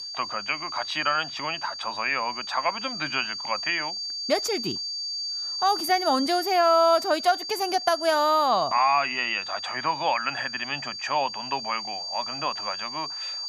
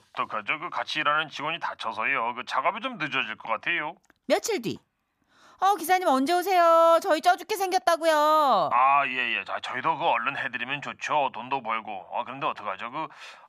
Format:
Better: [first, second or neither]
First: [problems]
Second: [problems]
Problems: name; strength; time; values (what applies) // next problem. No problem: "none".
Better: second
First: high-pitched whine; loud; throughout; 4.5 kHz, 6 dB below the speech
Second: none